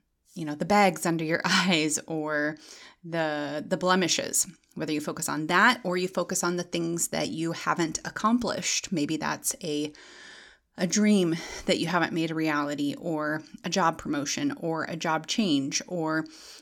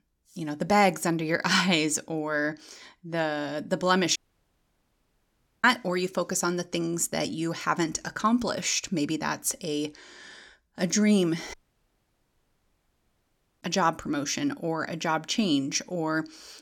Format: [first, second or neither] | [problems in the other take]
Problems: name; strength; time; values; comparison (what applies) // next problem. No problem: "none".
first | audio cutting out; at 4 s for 1.5 s and at 12 s for 2 s